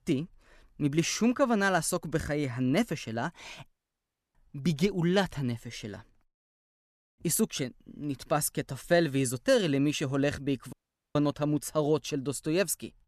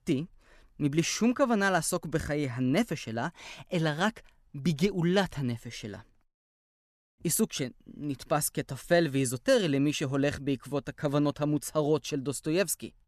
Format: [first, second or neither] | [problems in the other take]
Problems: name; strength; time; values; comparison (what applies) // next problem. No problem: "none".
second | audio cutting out; at 3.5 s for 0.5 s and at 11 s